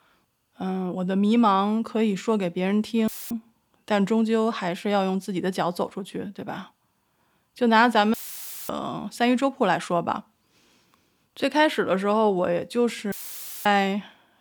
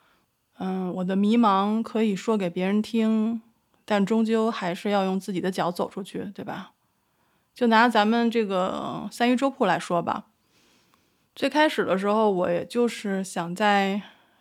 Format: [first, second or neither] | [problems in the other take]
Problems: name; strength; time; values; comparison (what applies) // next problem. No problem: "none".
second | audio cutting out; filled with static; at 3 s, at 8 s for 0.5 s and at 13 s for 0.5 s